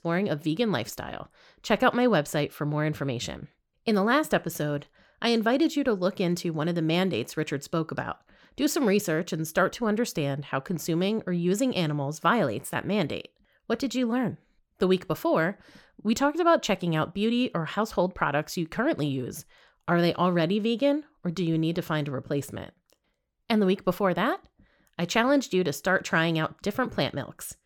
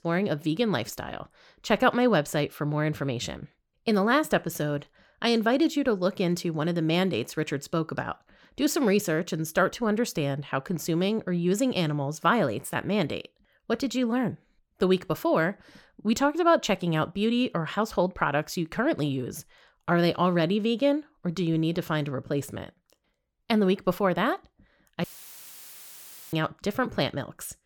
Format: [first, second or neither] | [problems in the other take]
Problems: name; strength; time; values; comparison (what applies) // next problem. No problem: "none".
first | audio cutting out; filled with static; at 25 s for 1.5 s